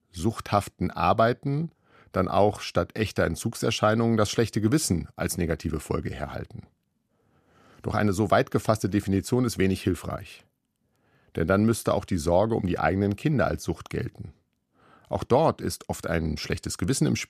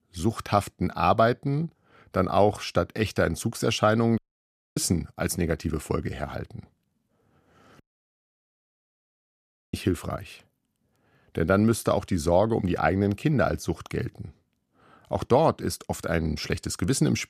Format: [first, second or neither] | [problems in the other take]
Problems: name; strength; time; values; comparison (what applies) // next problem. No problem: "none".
first | audio cutting out; at 4 s for 0.5 s and at 8 s for 2 s